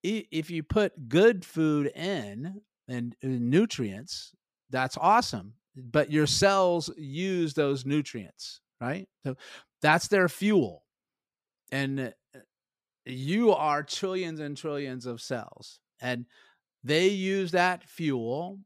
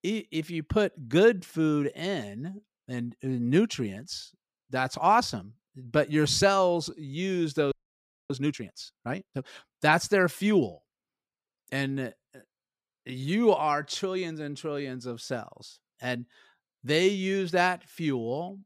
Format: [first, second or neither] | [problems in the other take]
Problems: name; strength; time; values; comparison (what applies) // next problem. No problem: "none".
first | audio freezing; at 7.5 s for 0.5 s